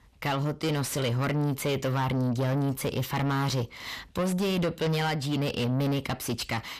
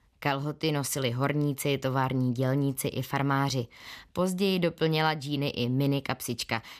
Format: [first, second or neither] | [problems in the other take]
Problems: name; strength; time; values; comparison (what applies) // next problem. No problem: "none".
second | distortion; heavy; 7 dB below the speech